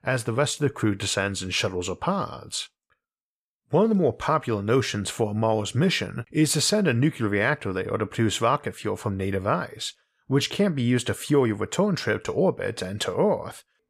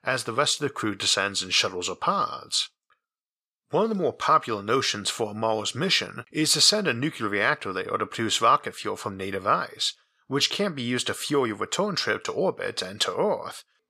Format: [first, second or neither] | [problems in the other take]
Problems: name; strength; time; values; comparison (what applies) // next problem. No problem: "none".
first | thin; somewhat; fading below 350 Hz